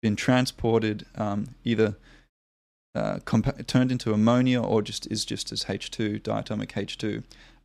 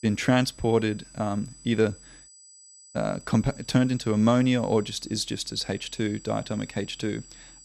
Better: first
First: none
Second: high-pitched whine; faint; throughout; 7.5 kHz, 20 dB below the speech

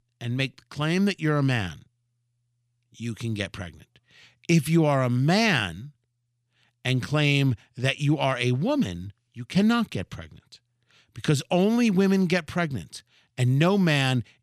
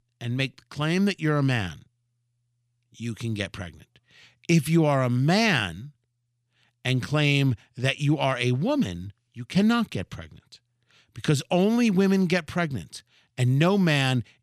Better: neither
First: none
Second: none

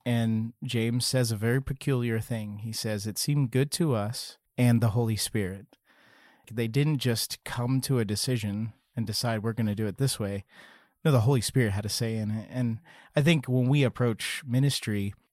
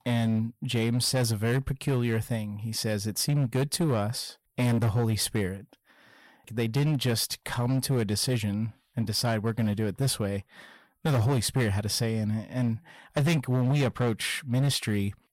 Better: first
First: none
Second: distortion; slight; 10% of the sound clipped

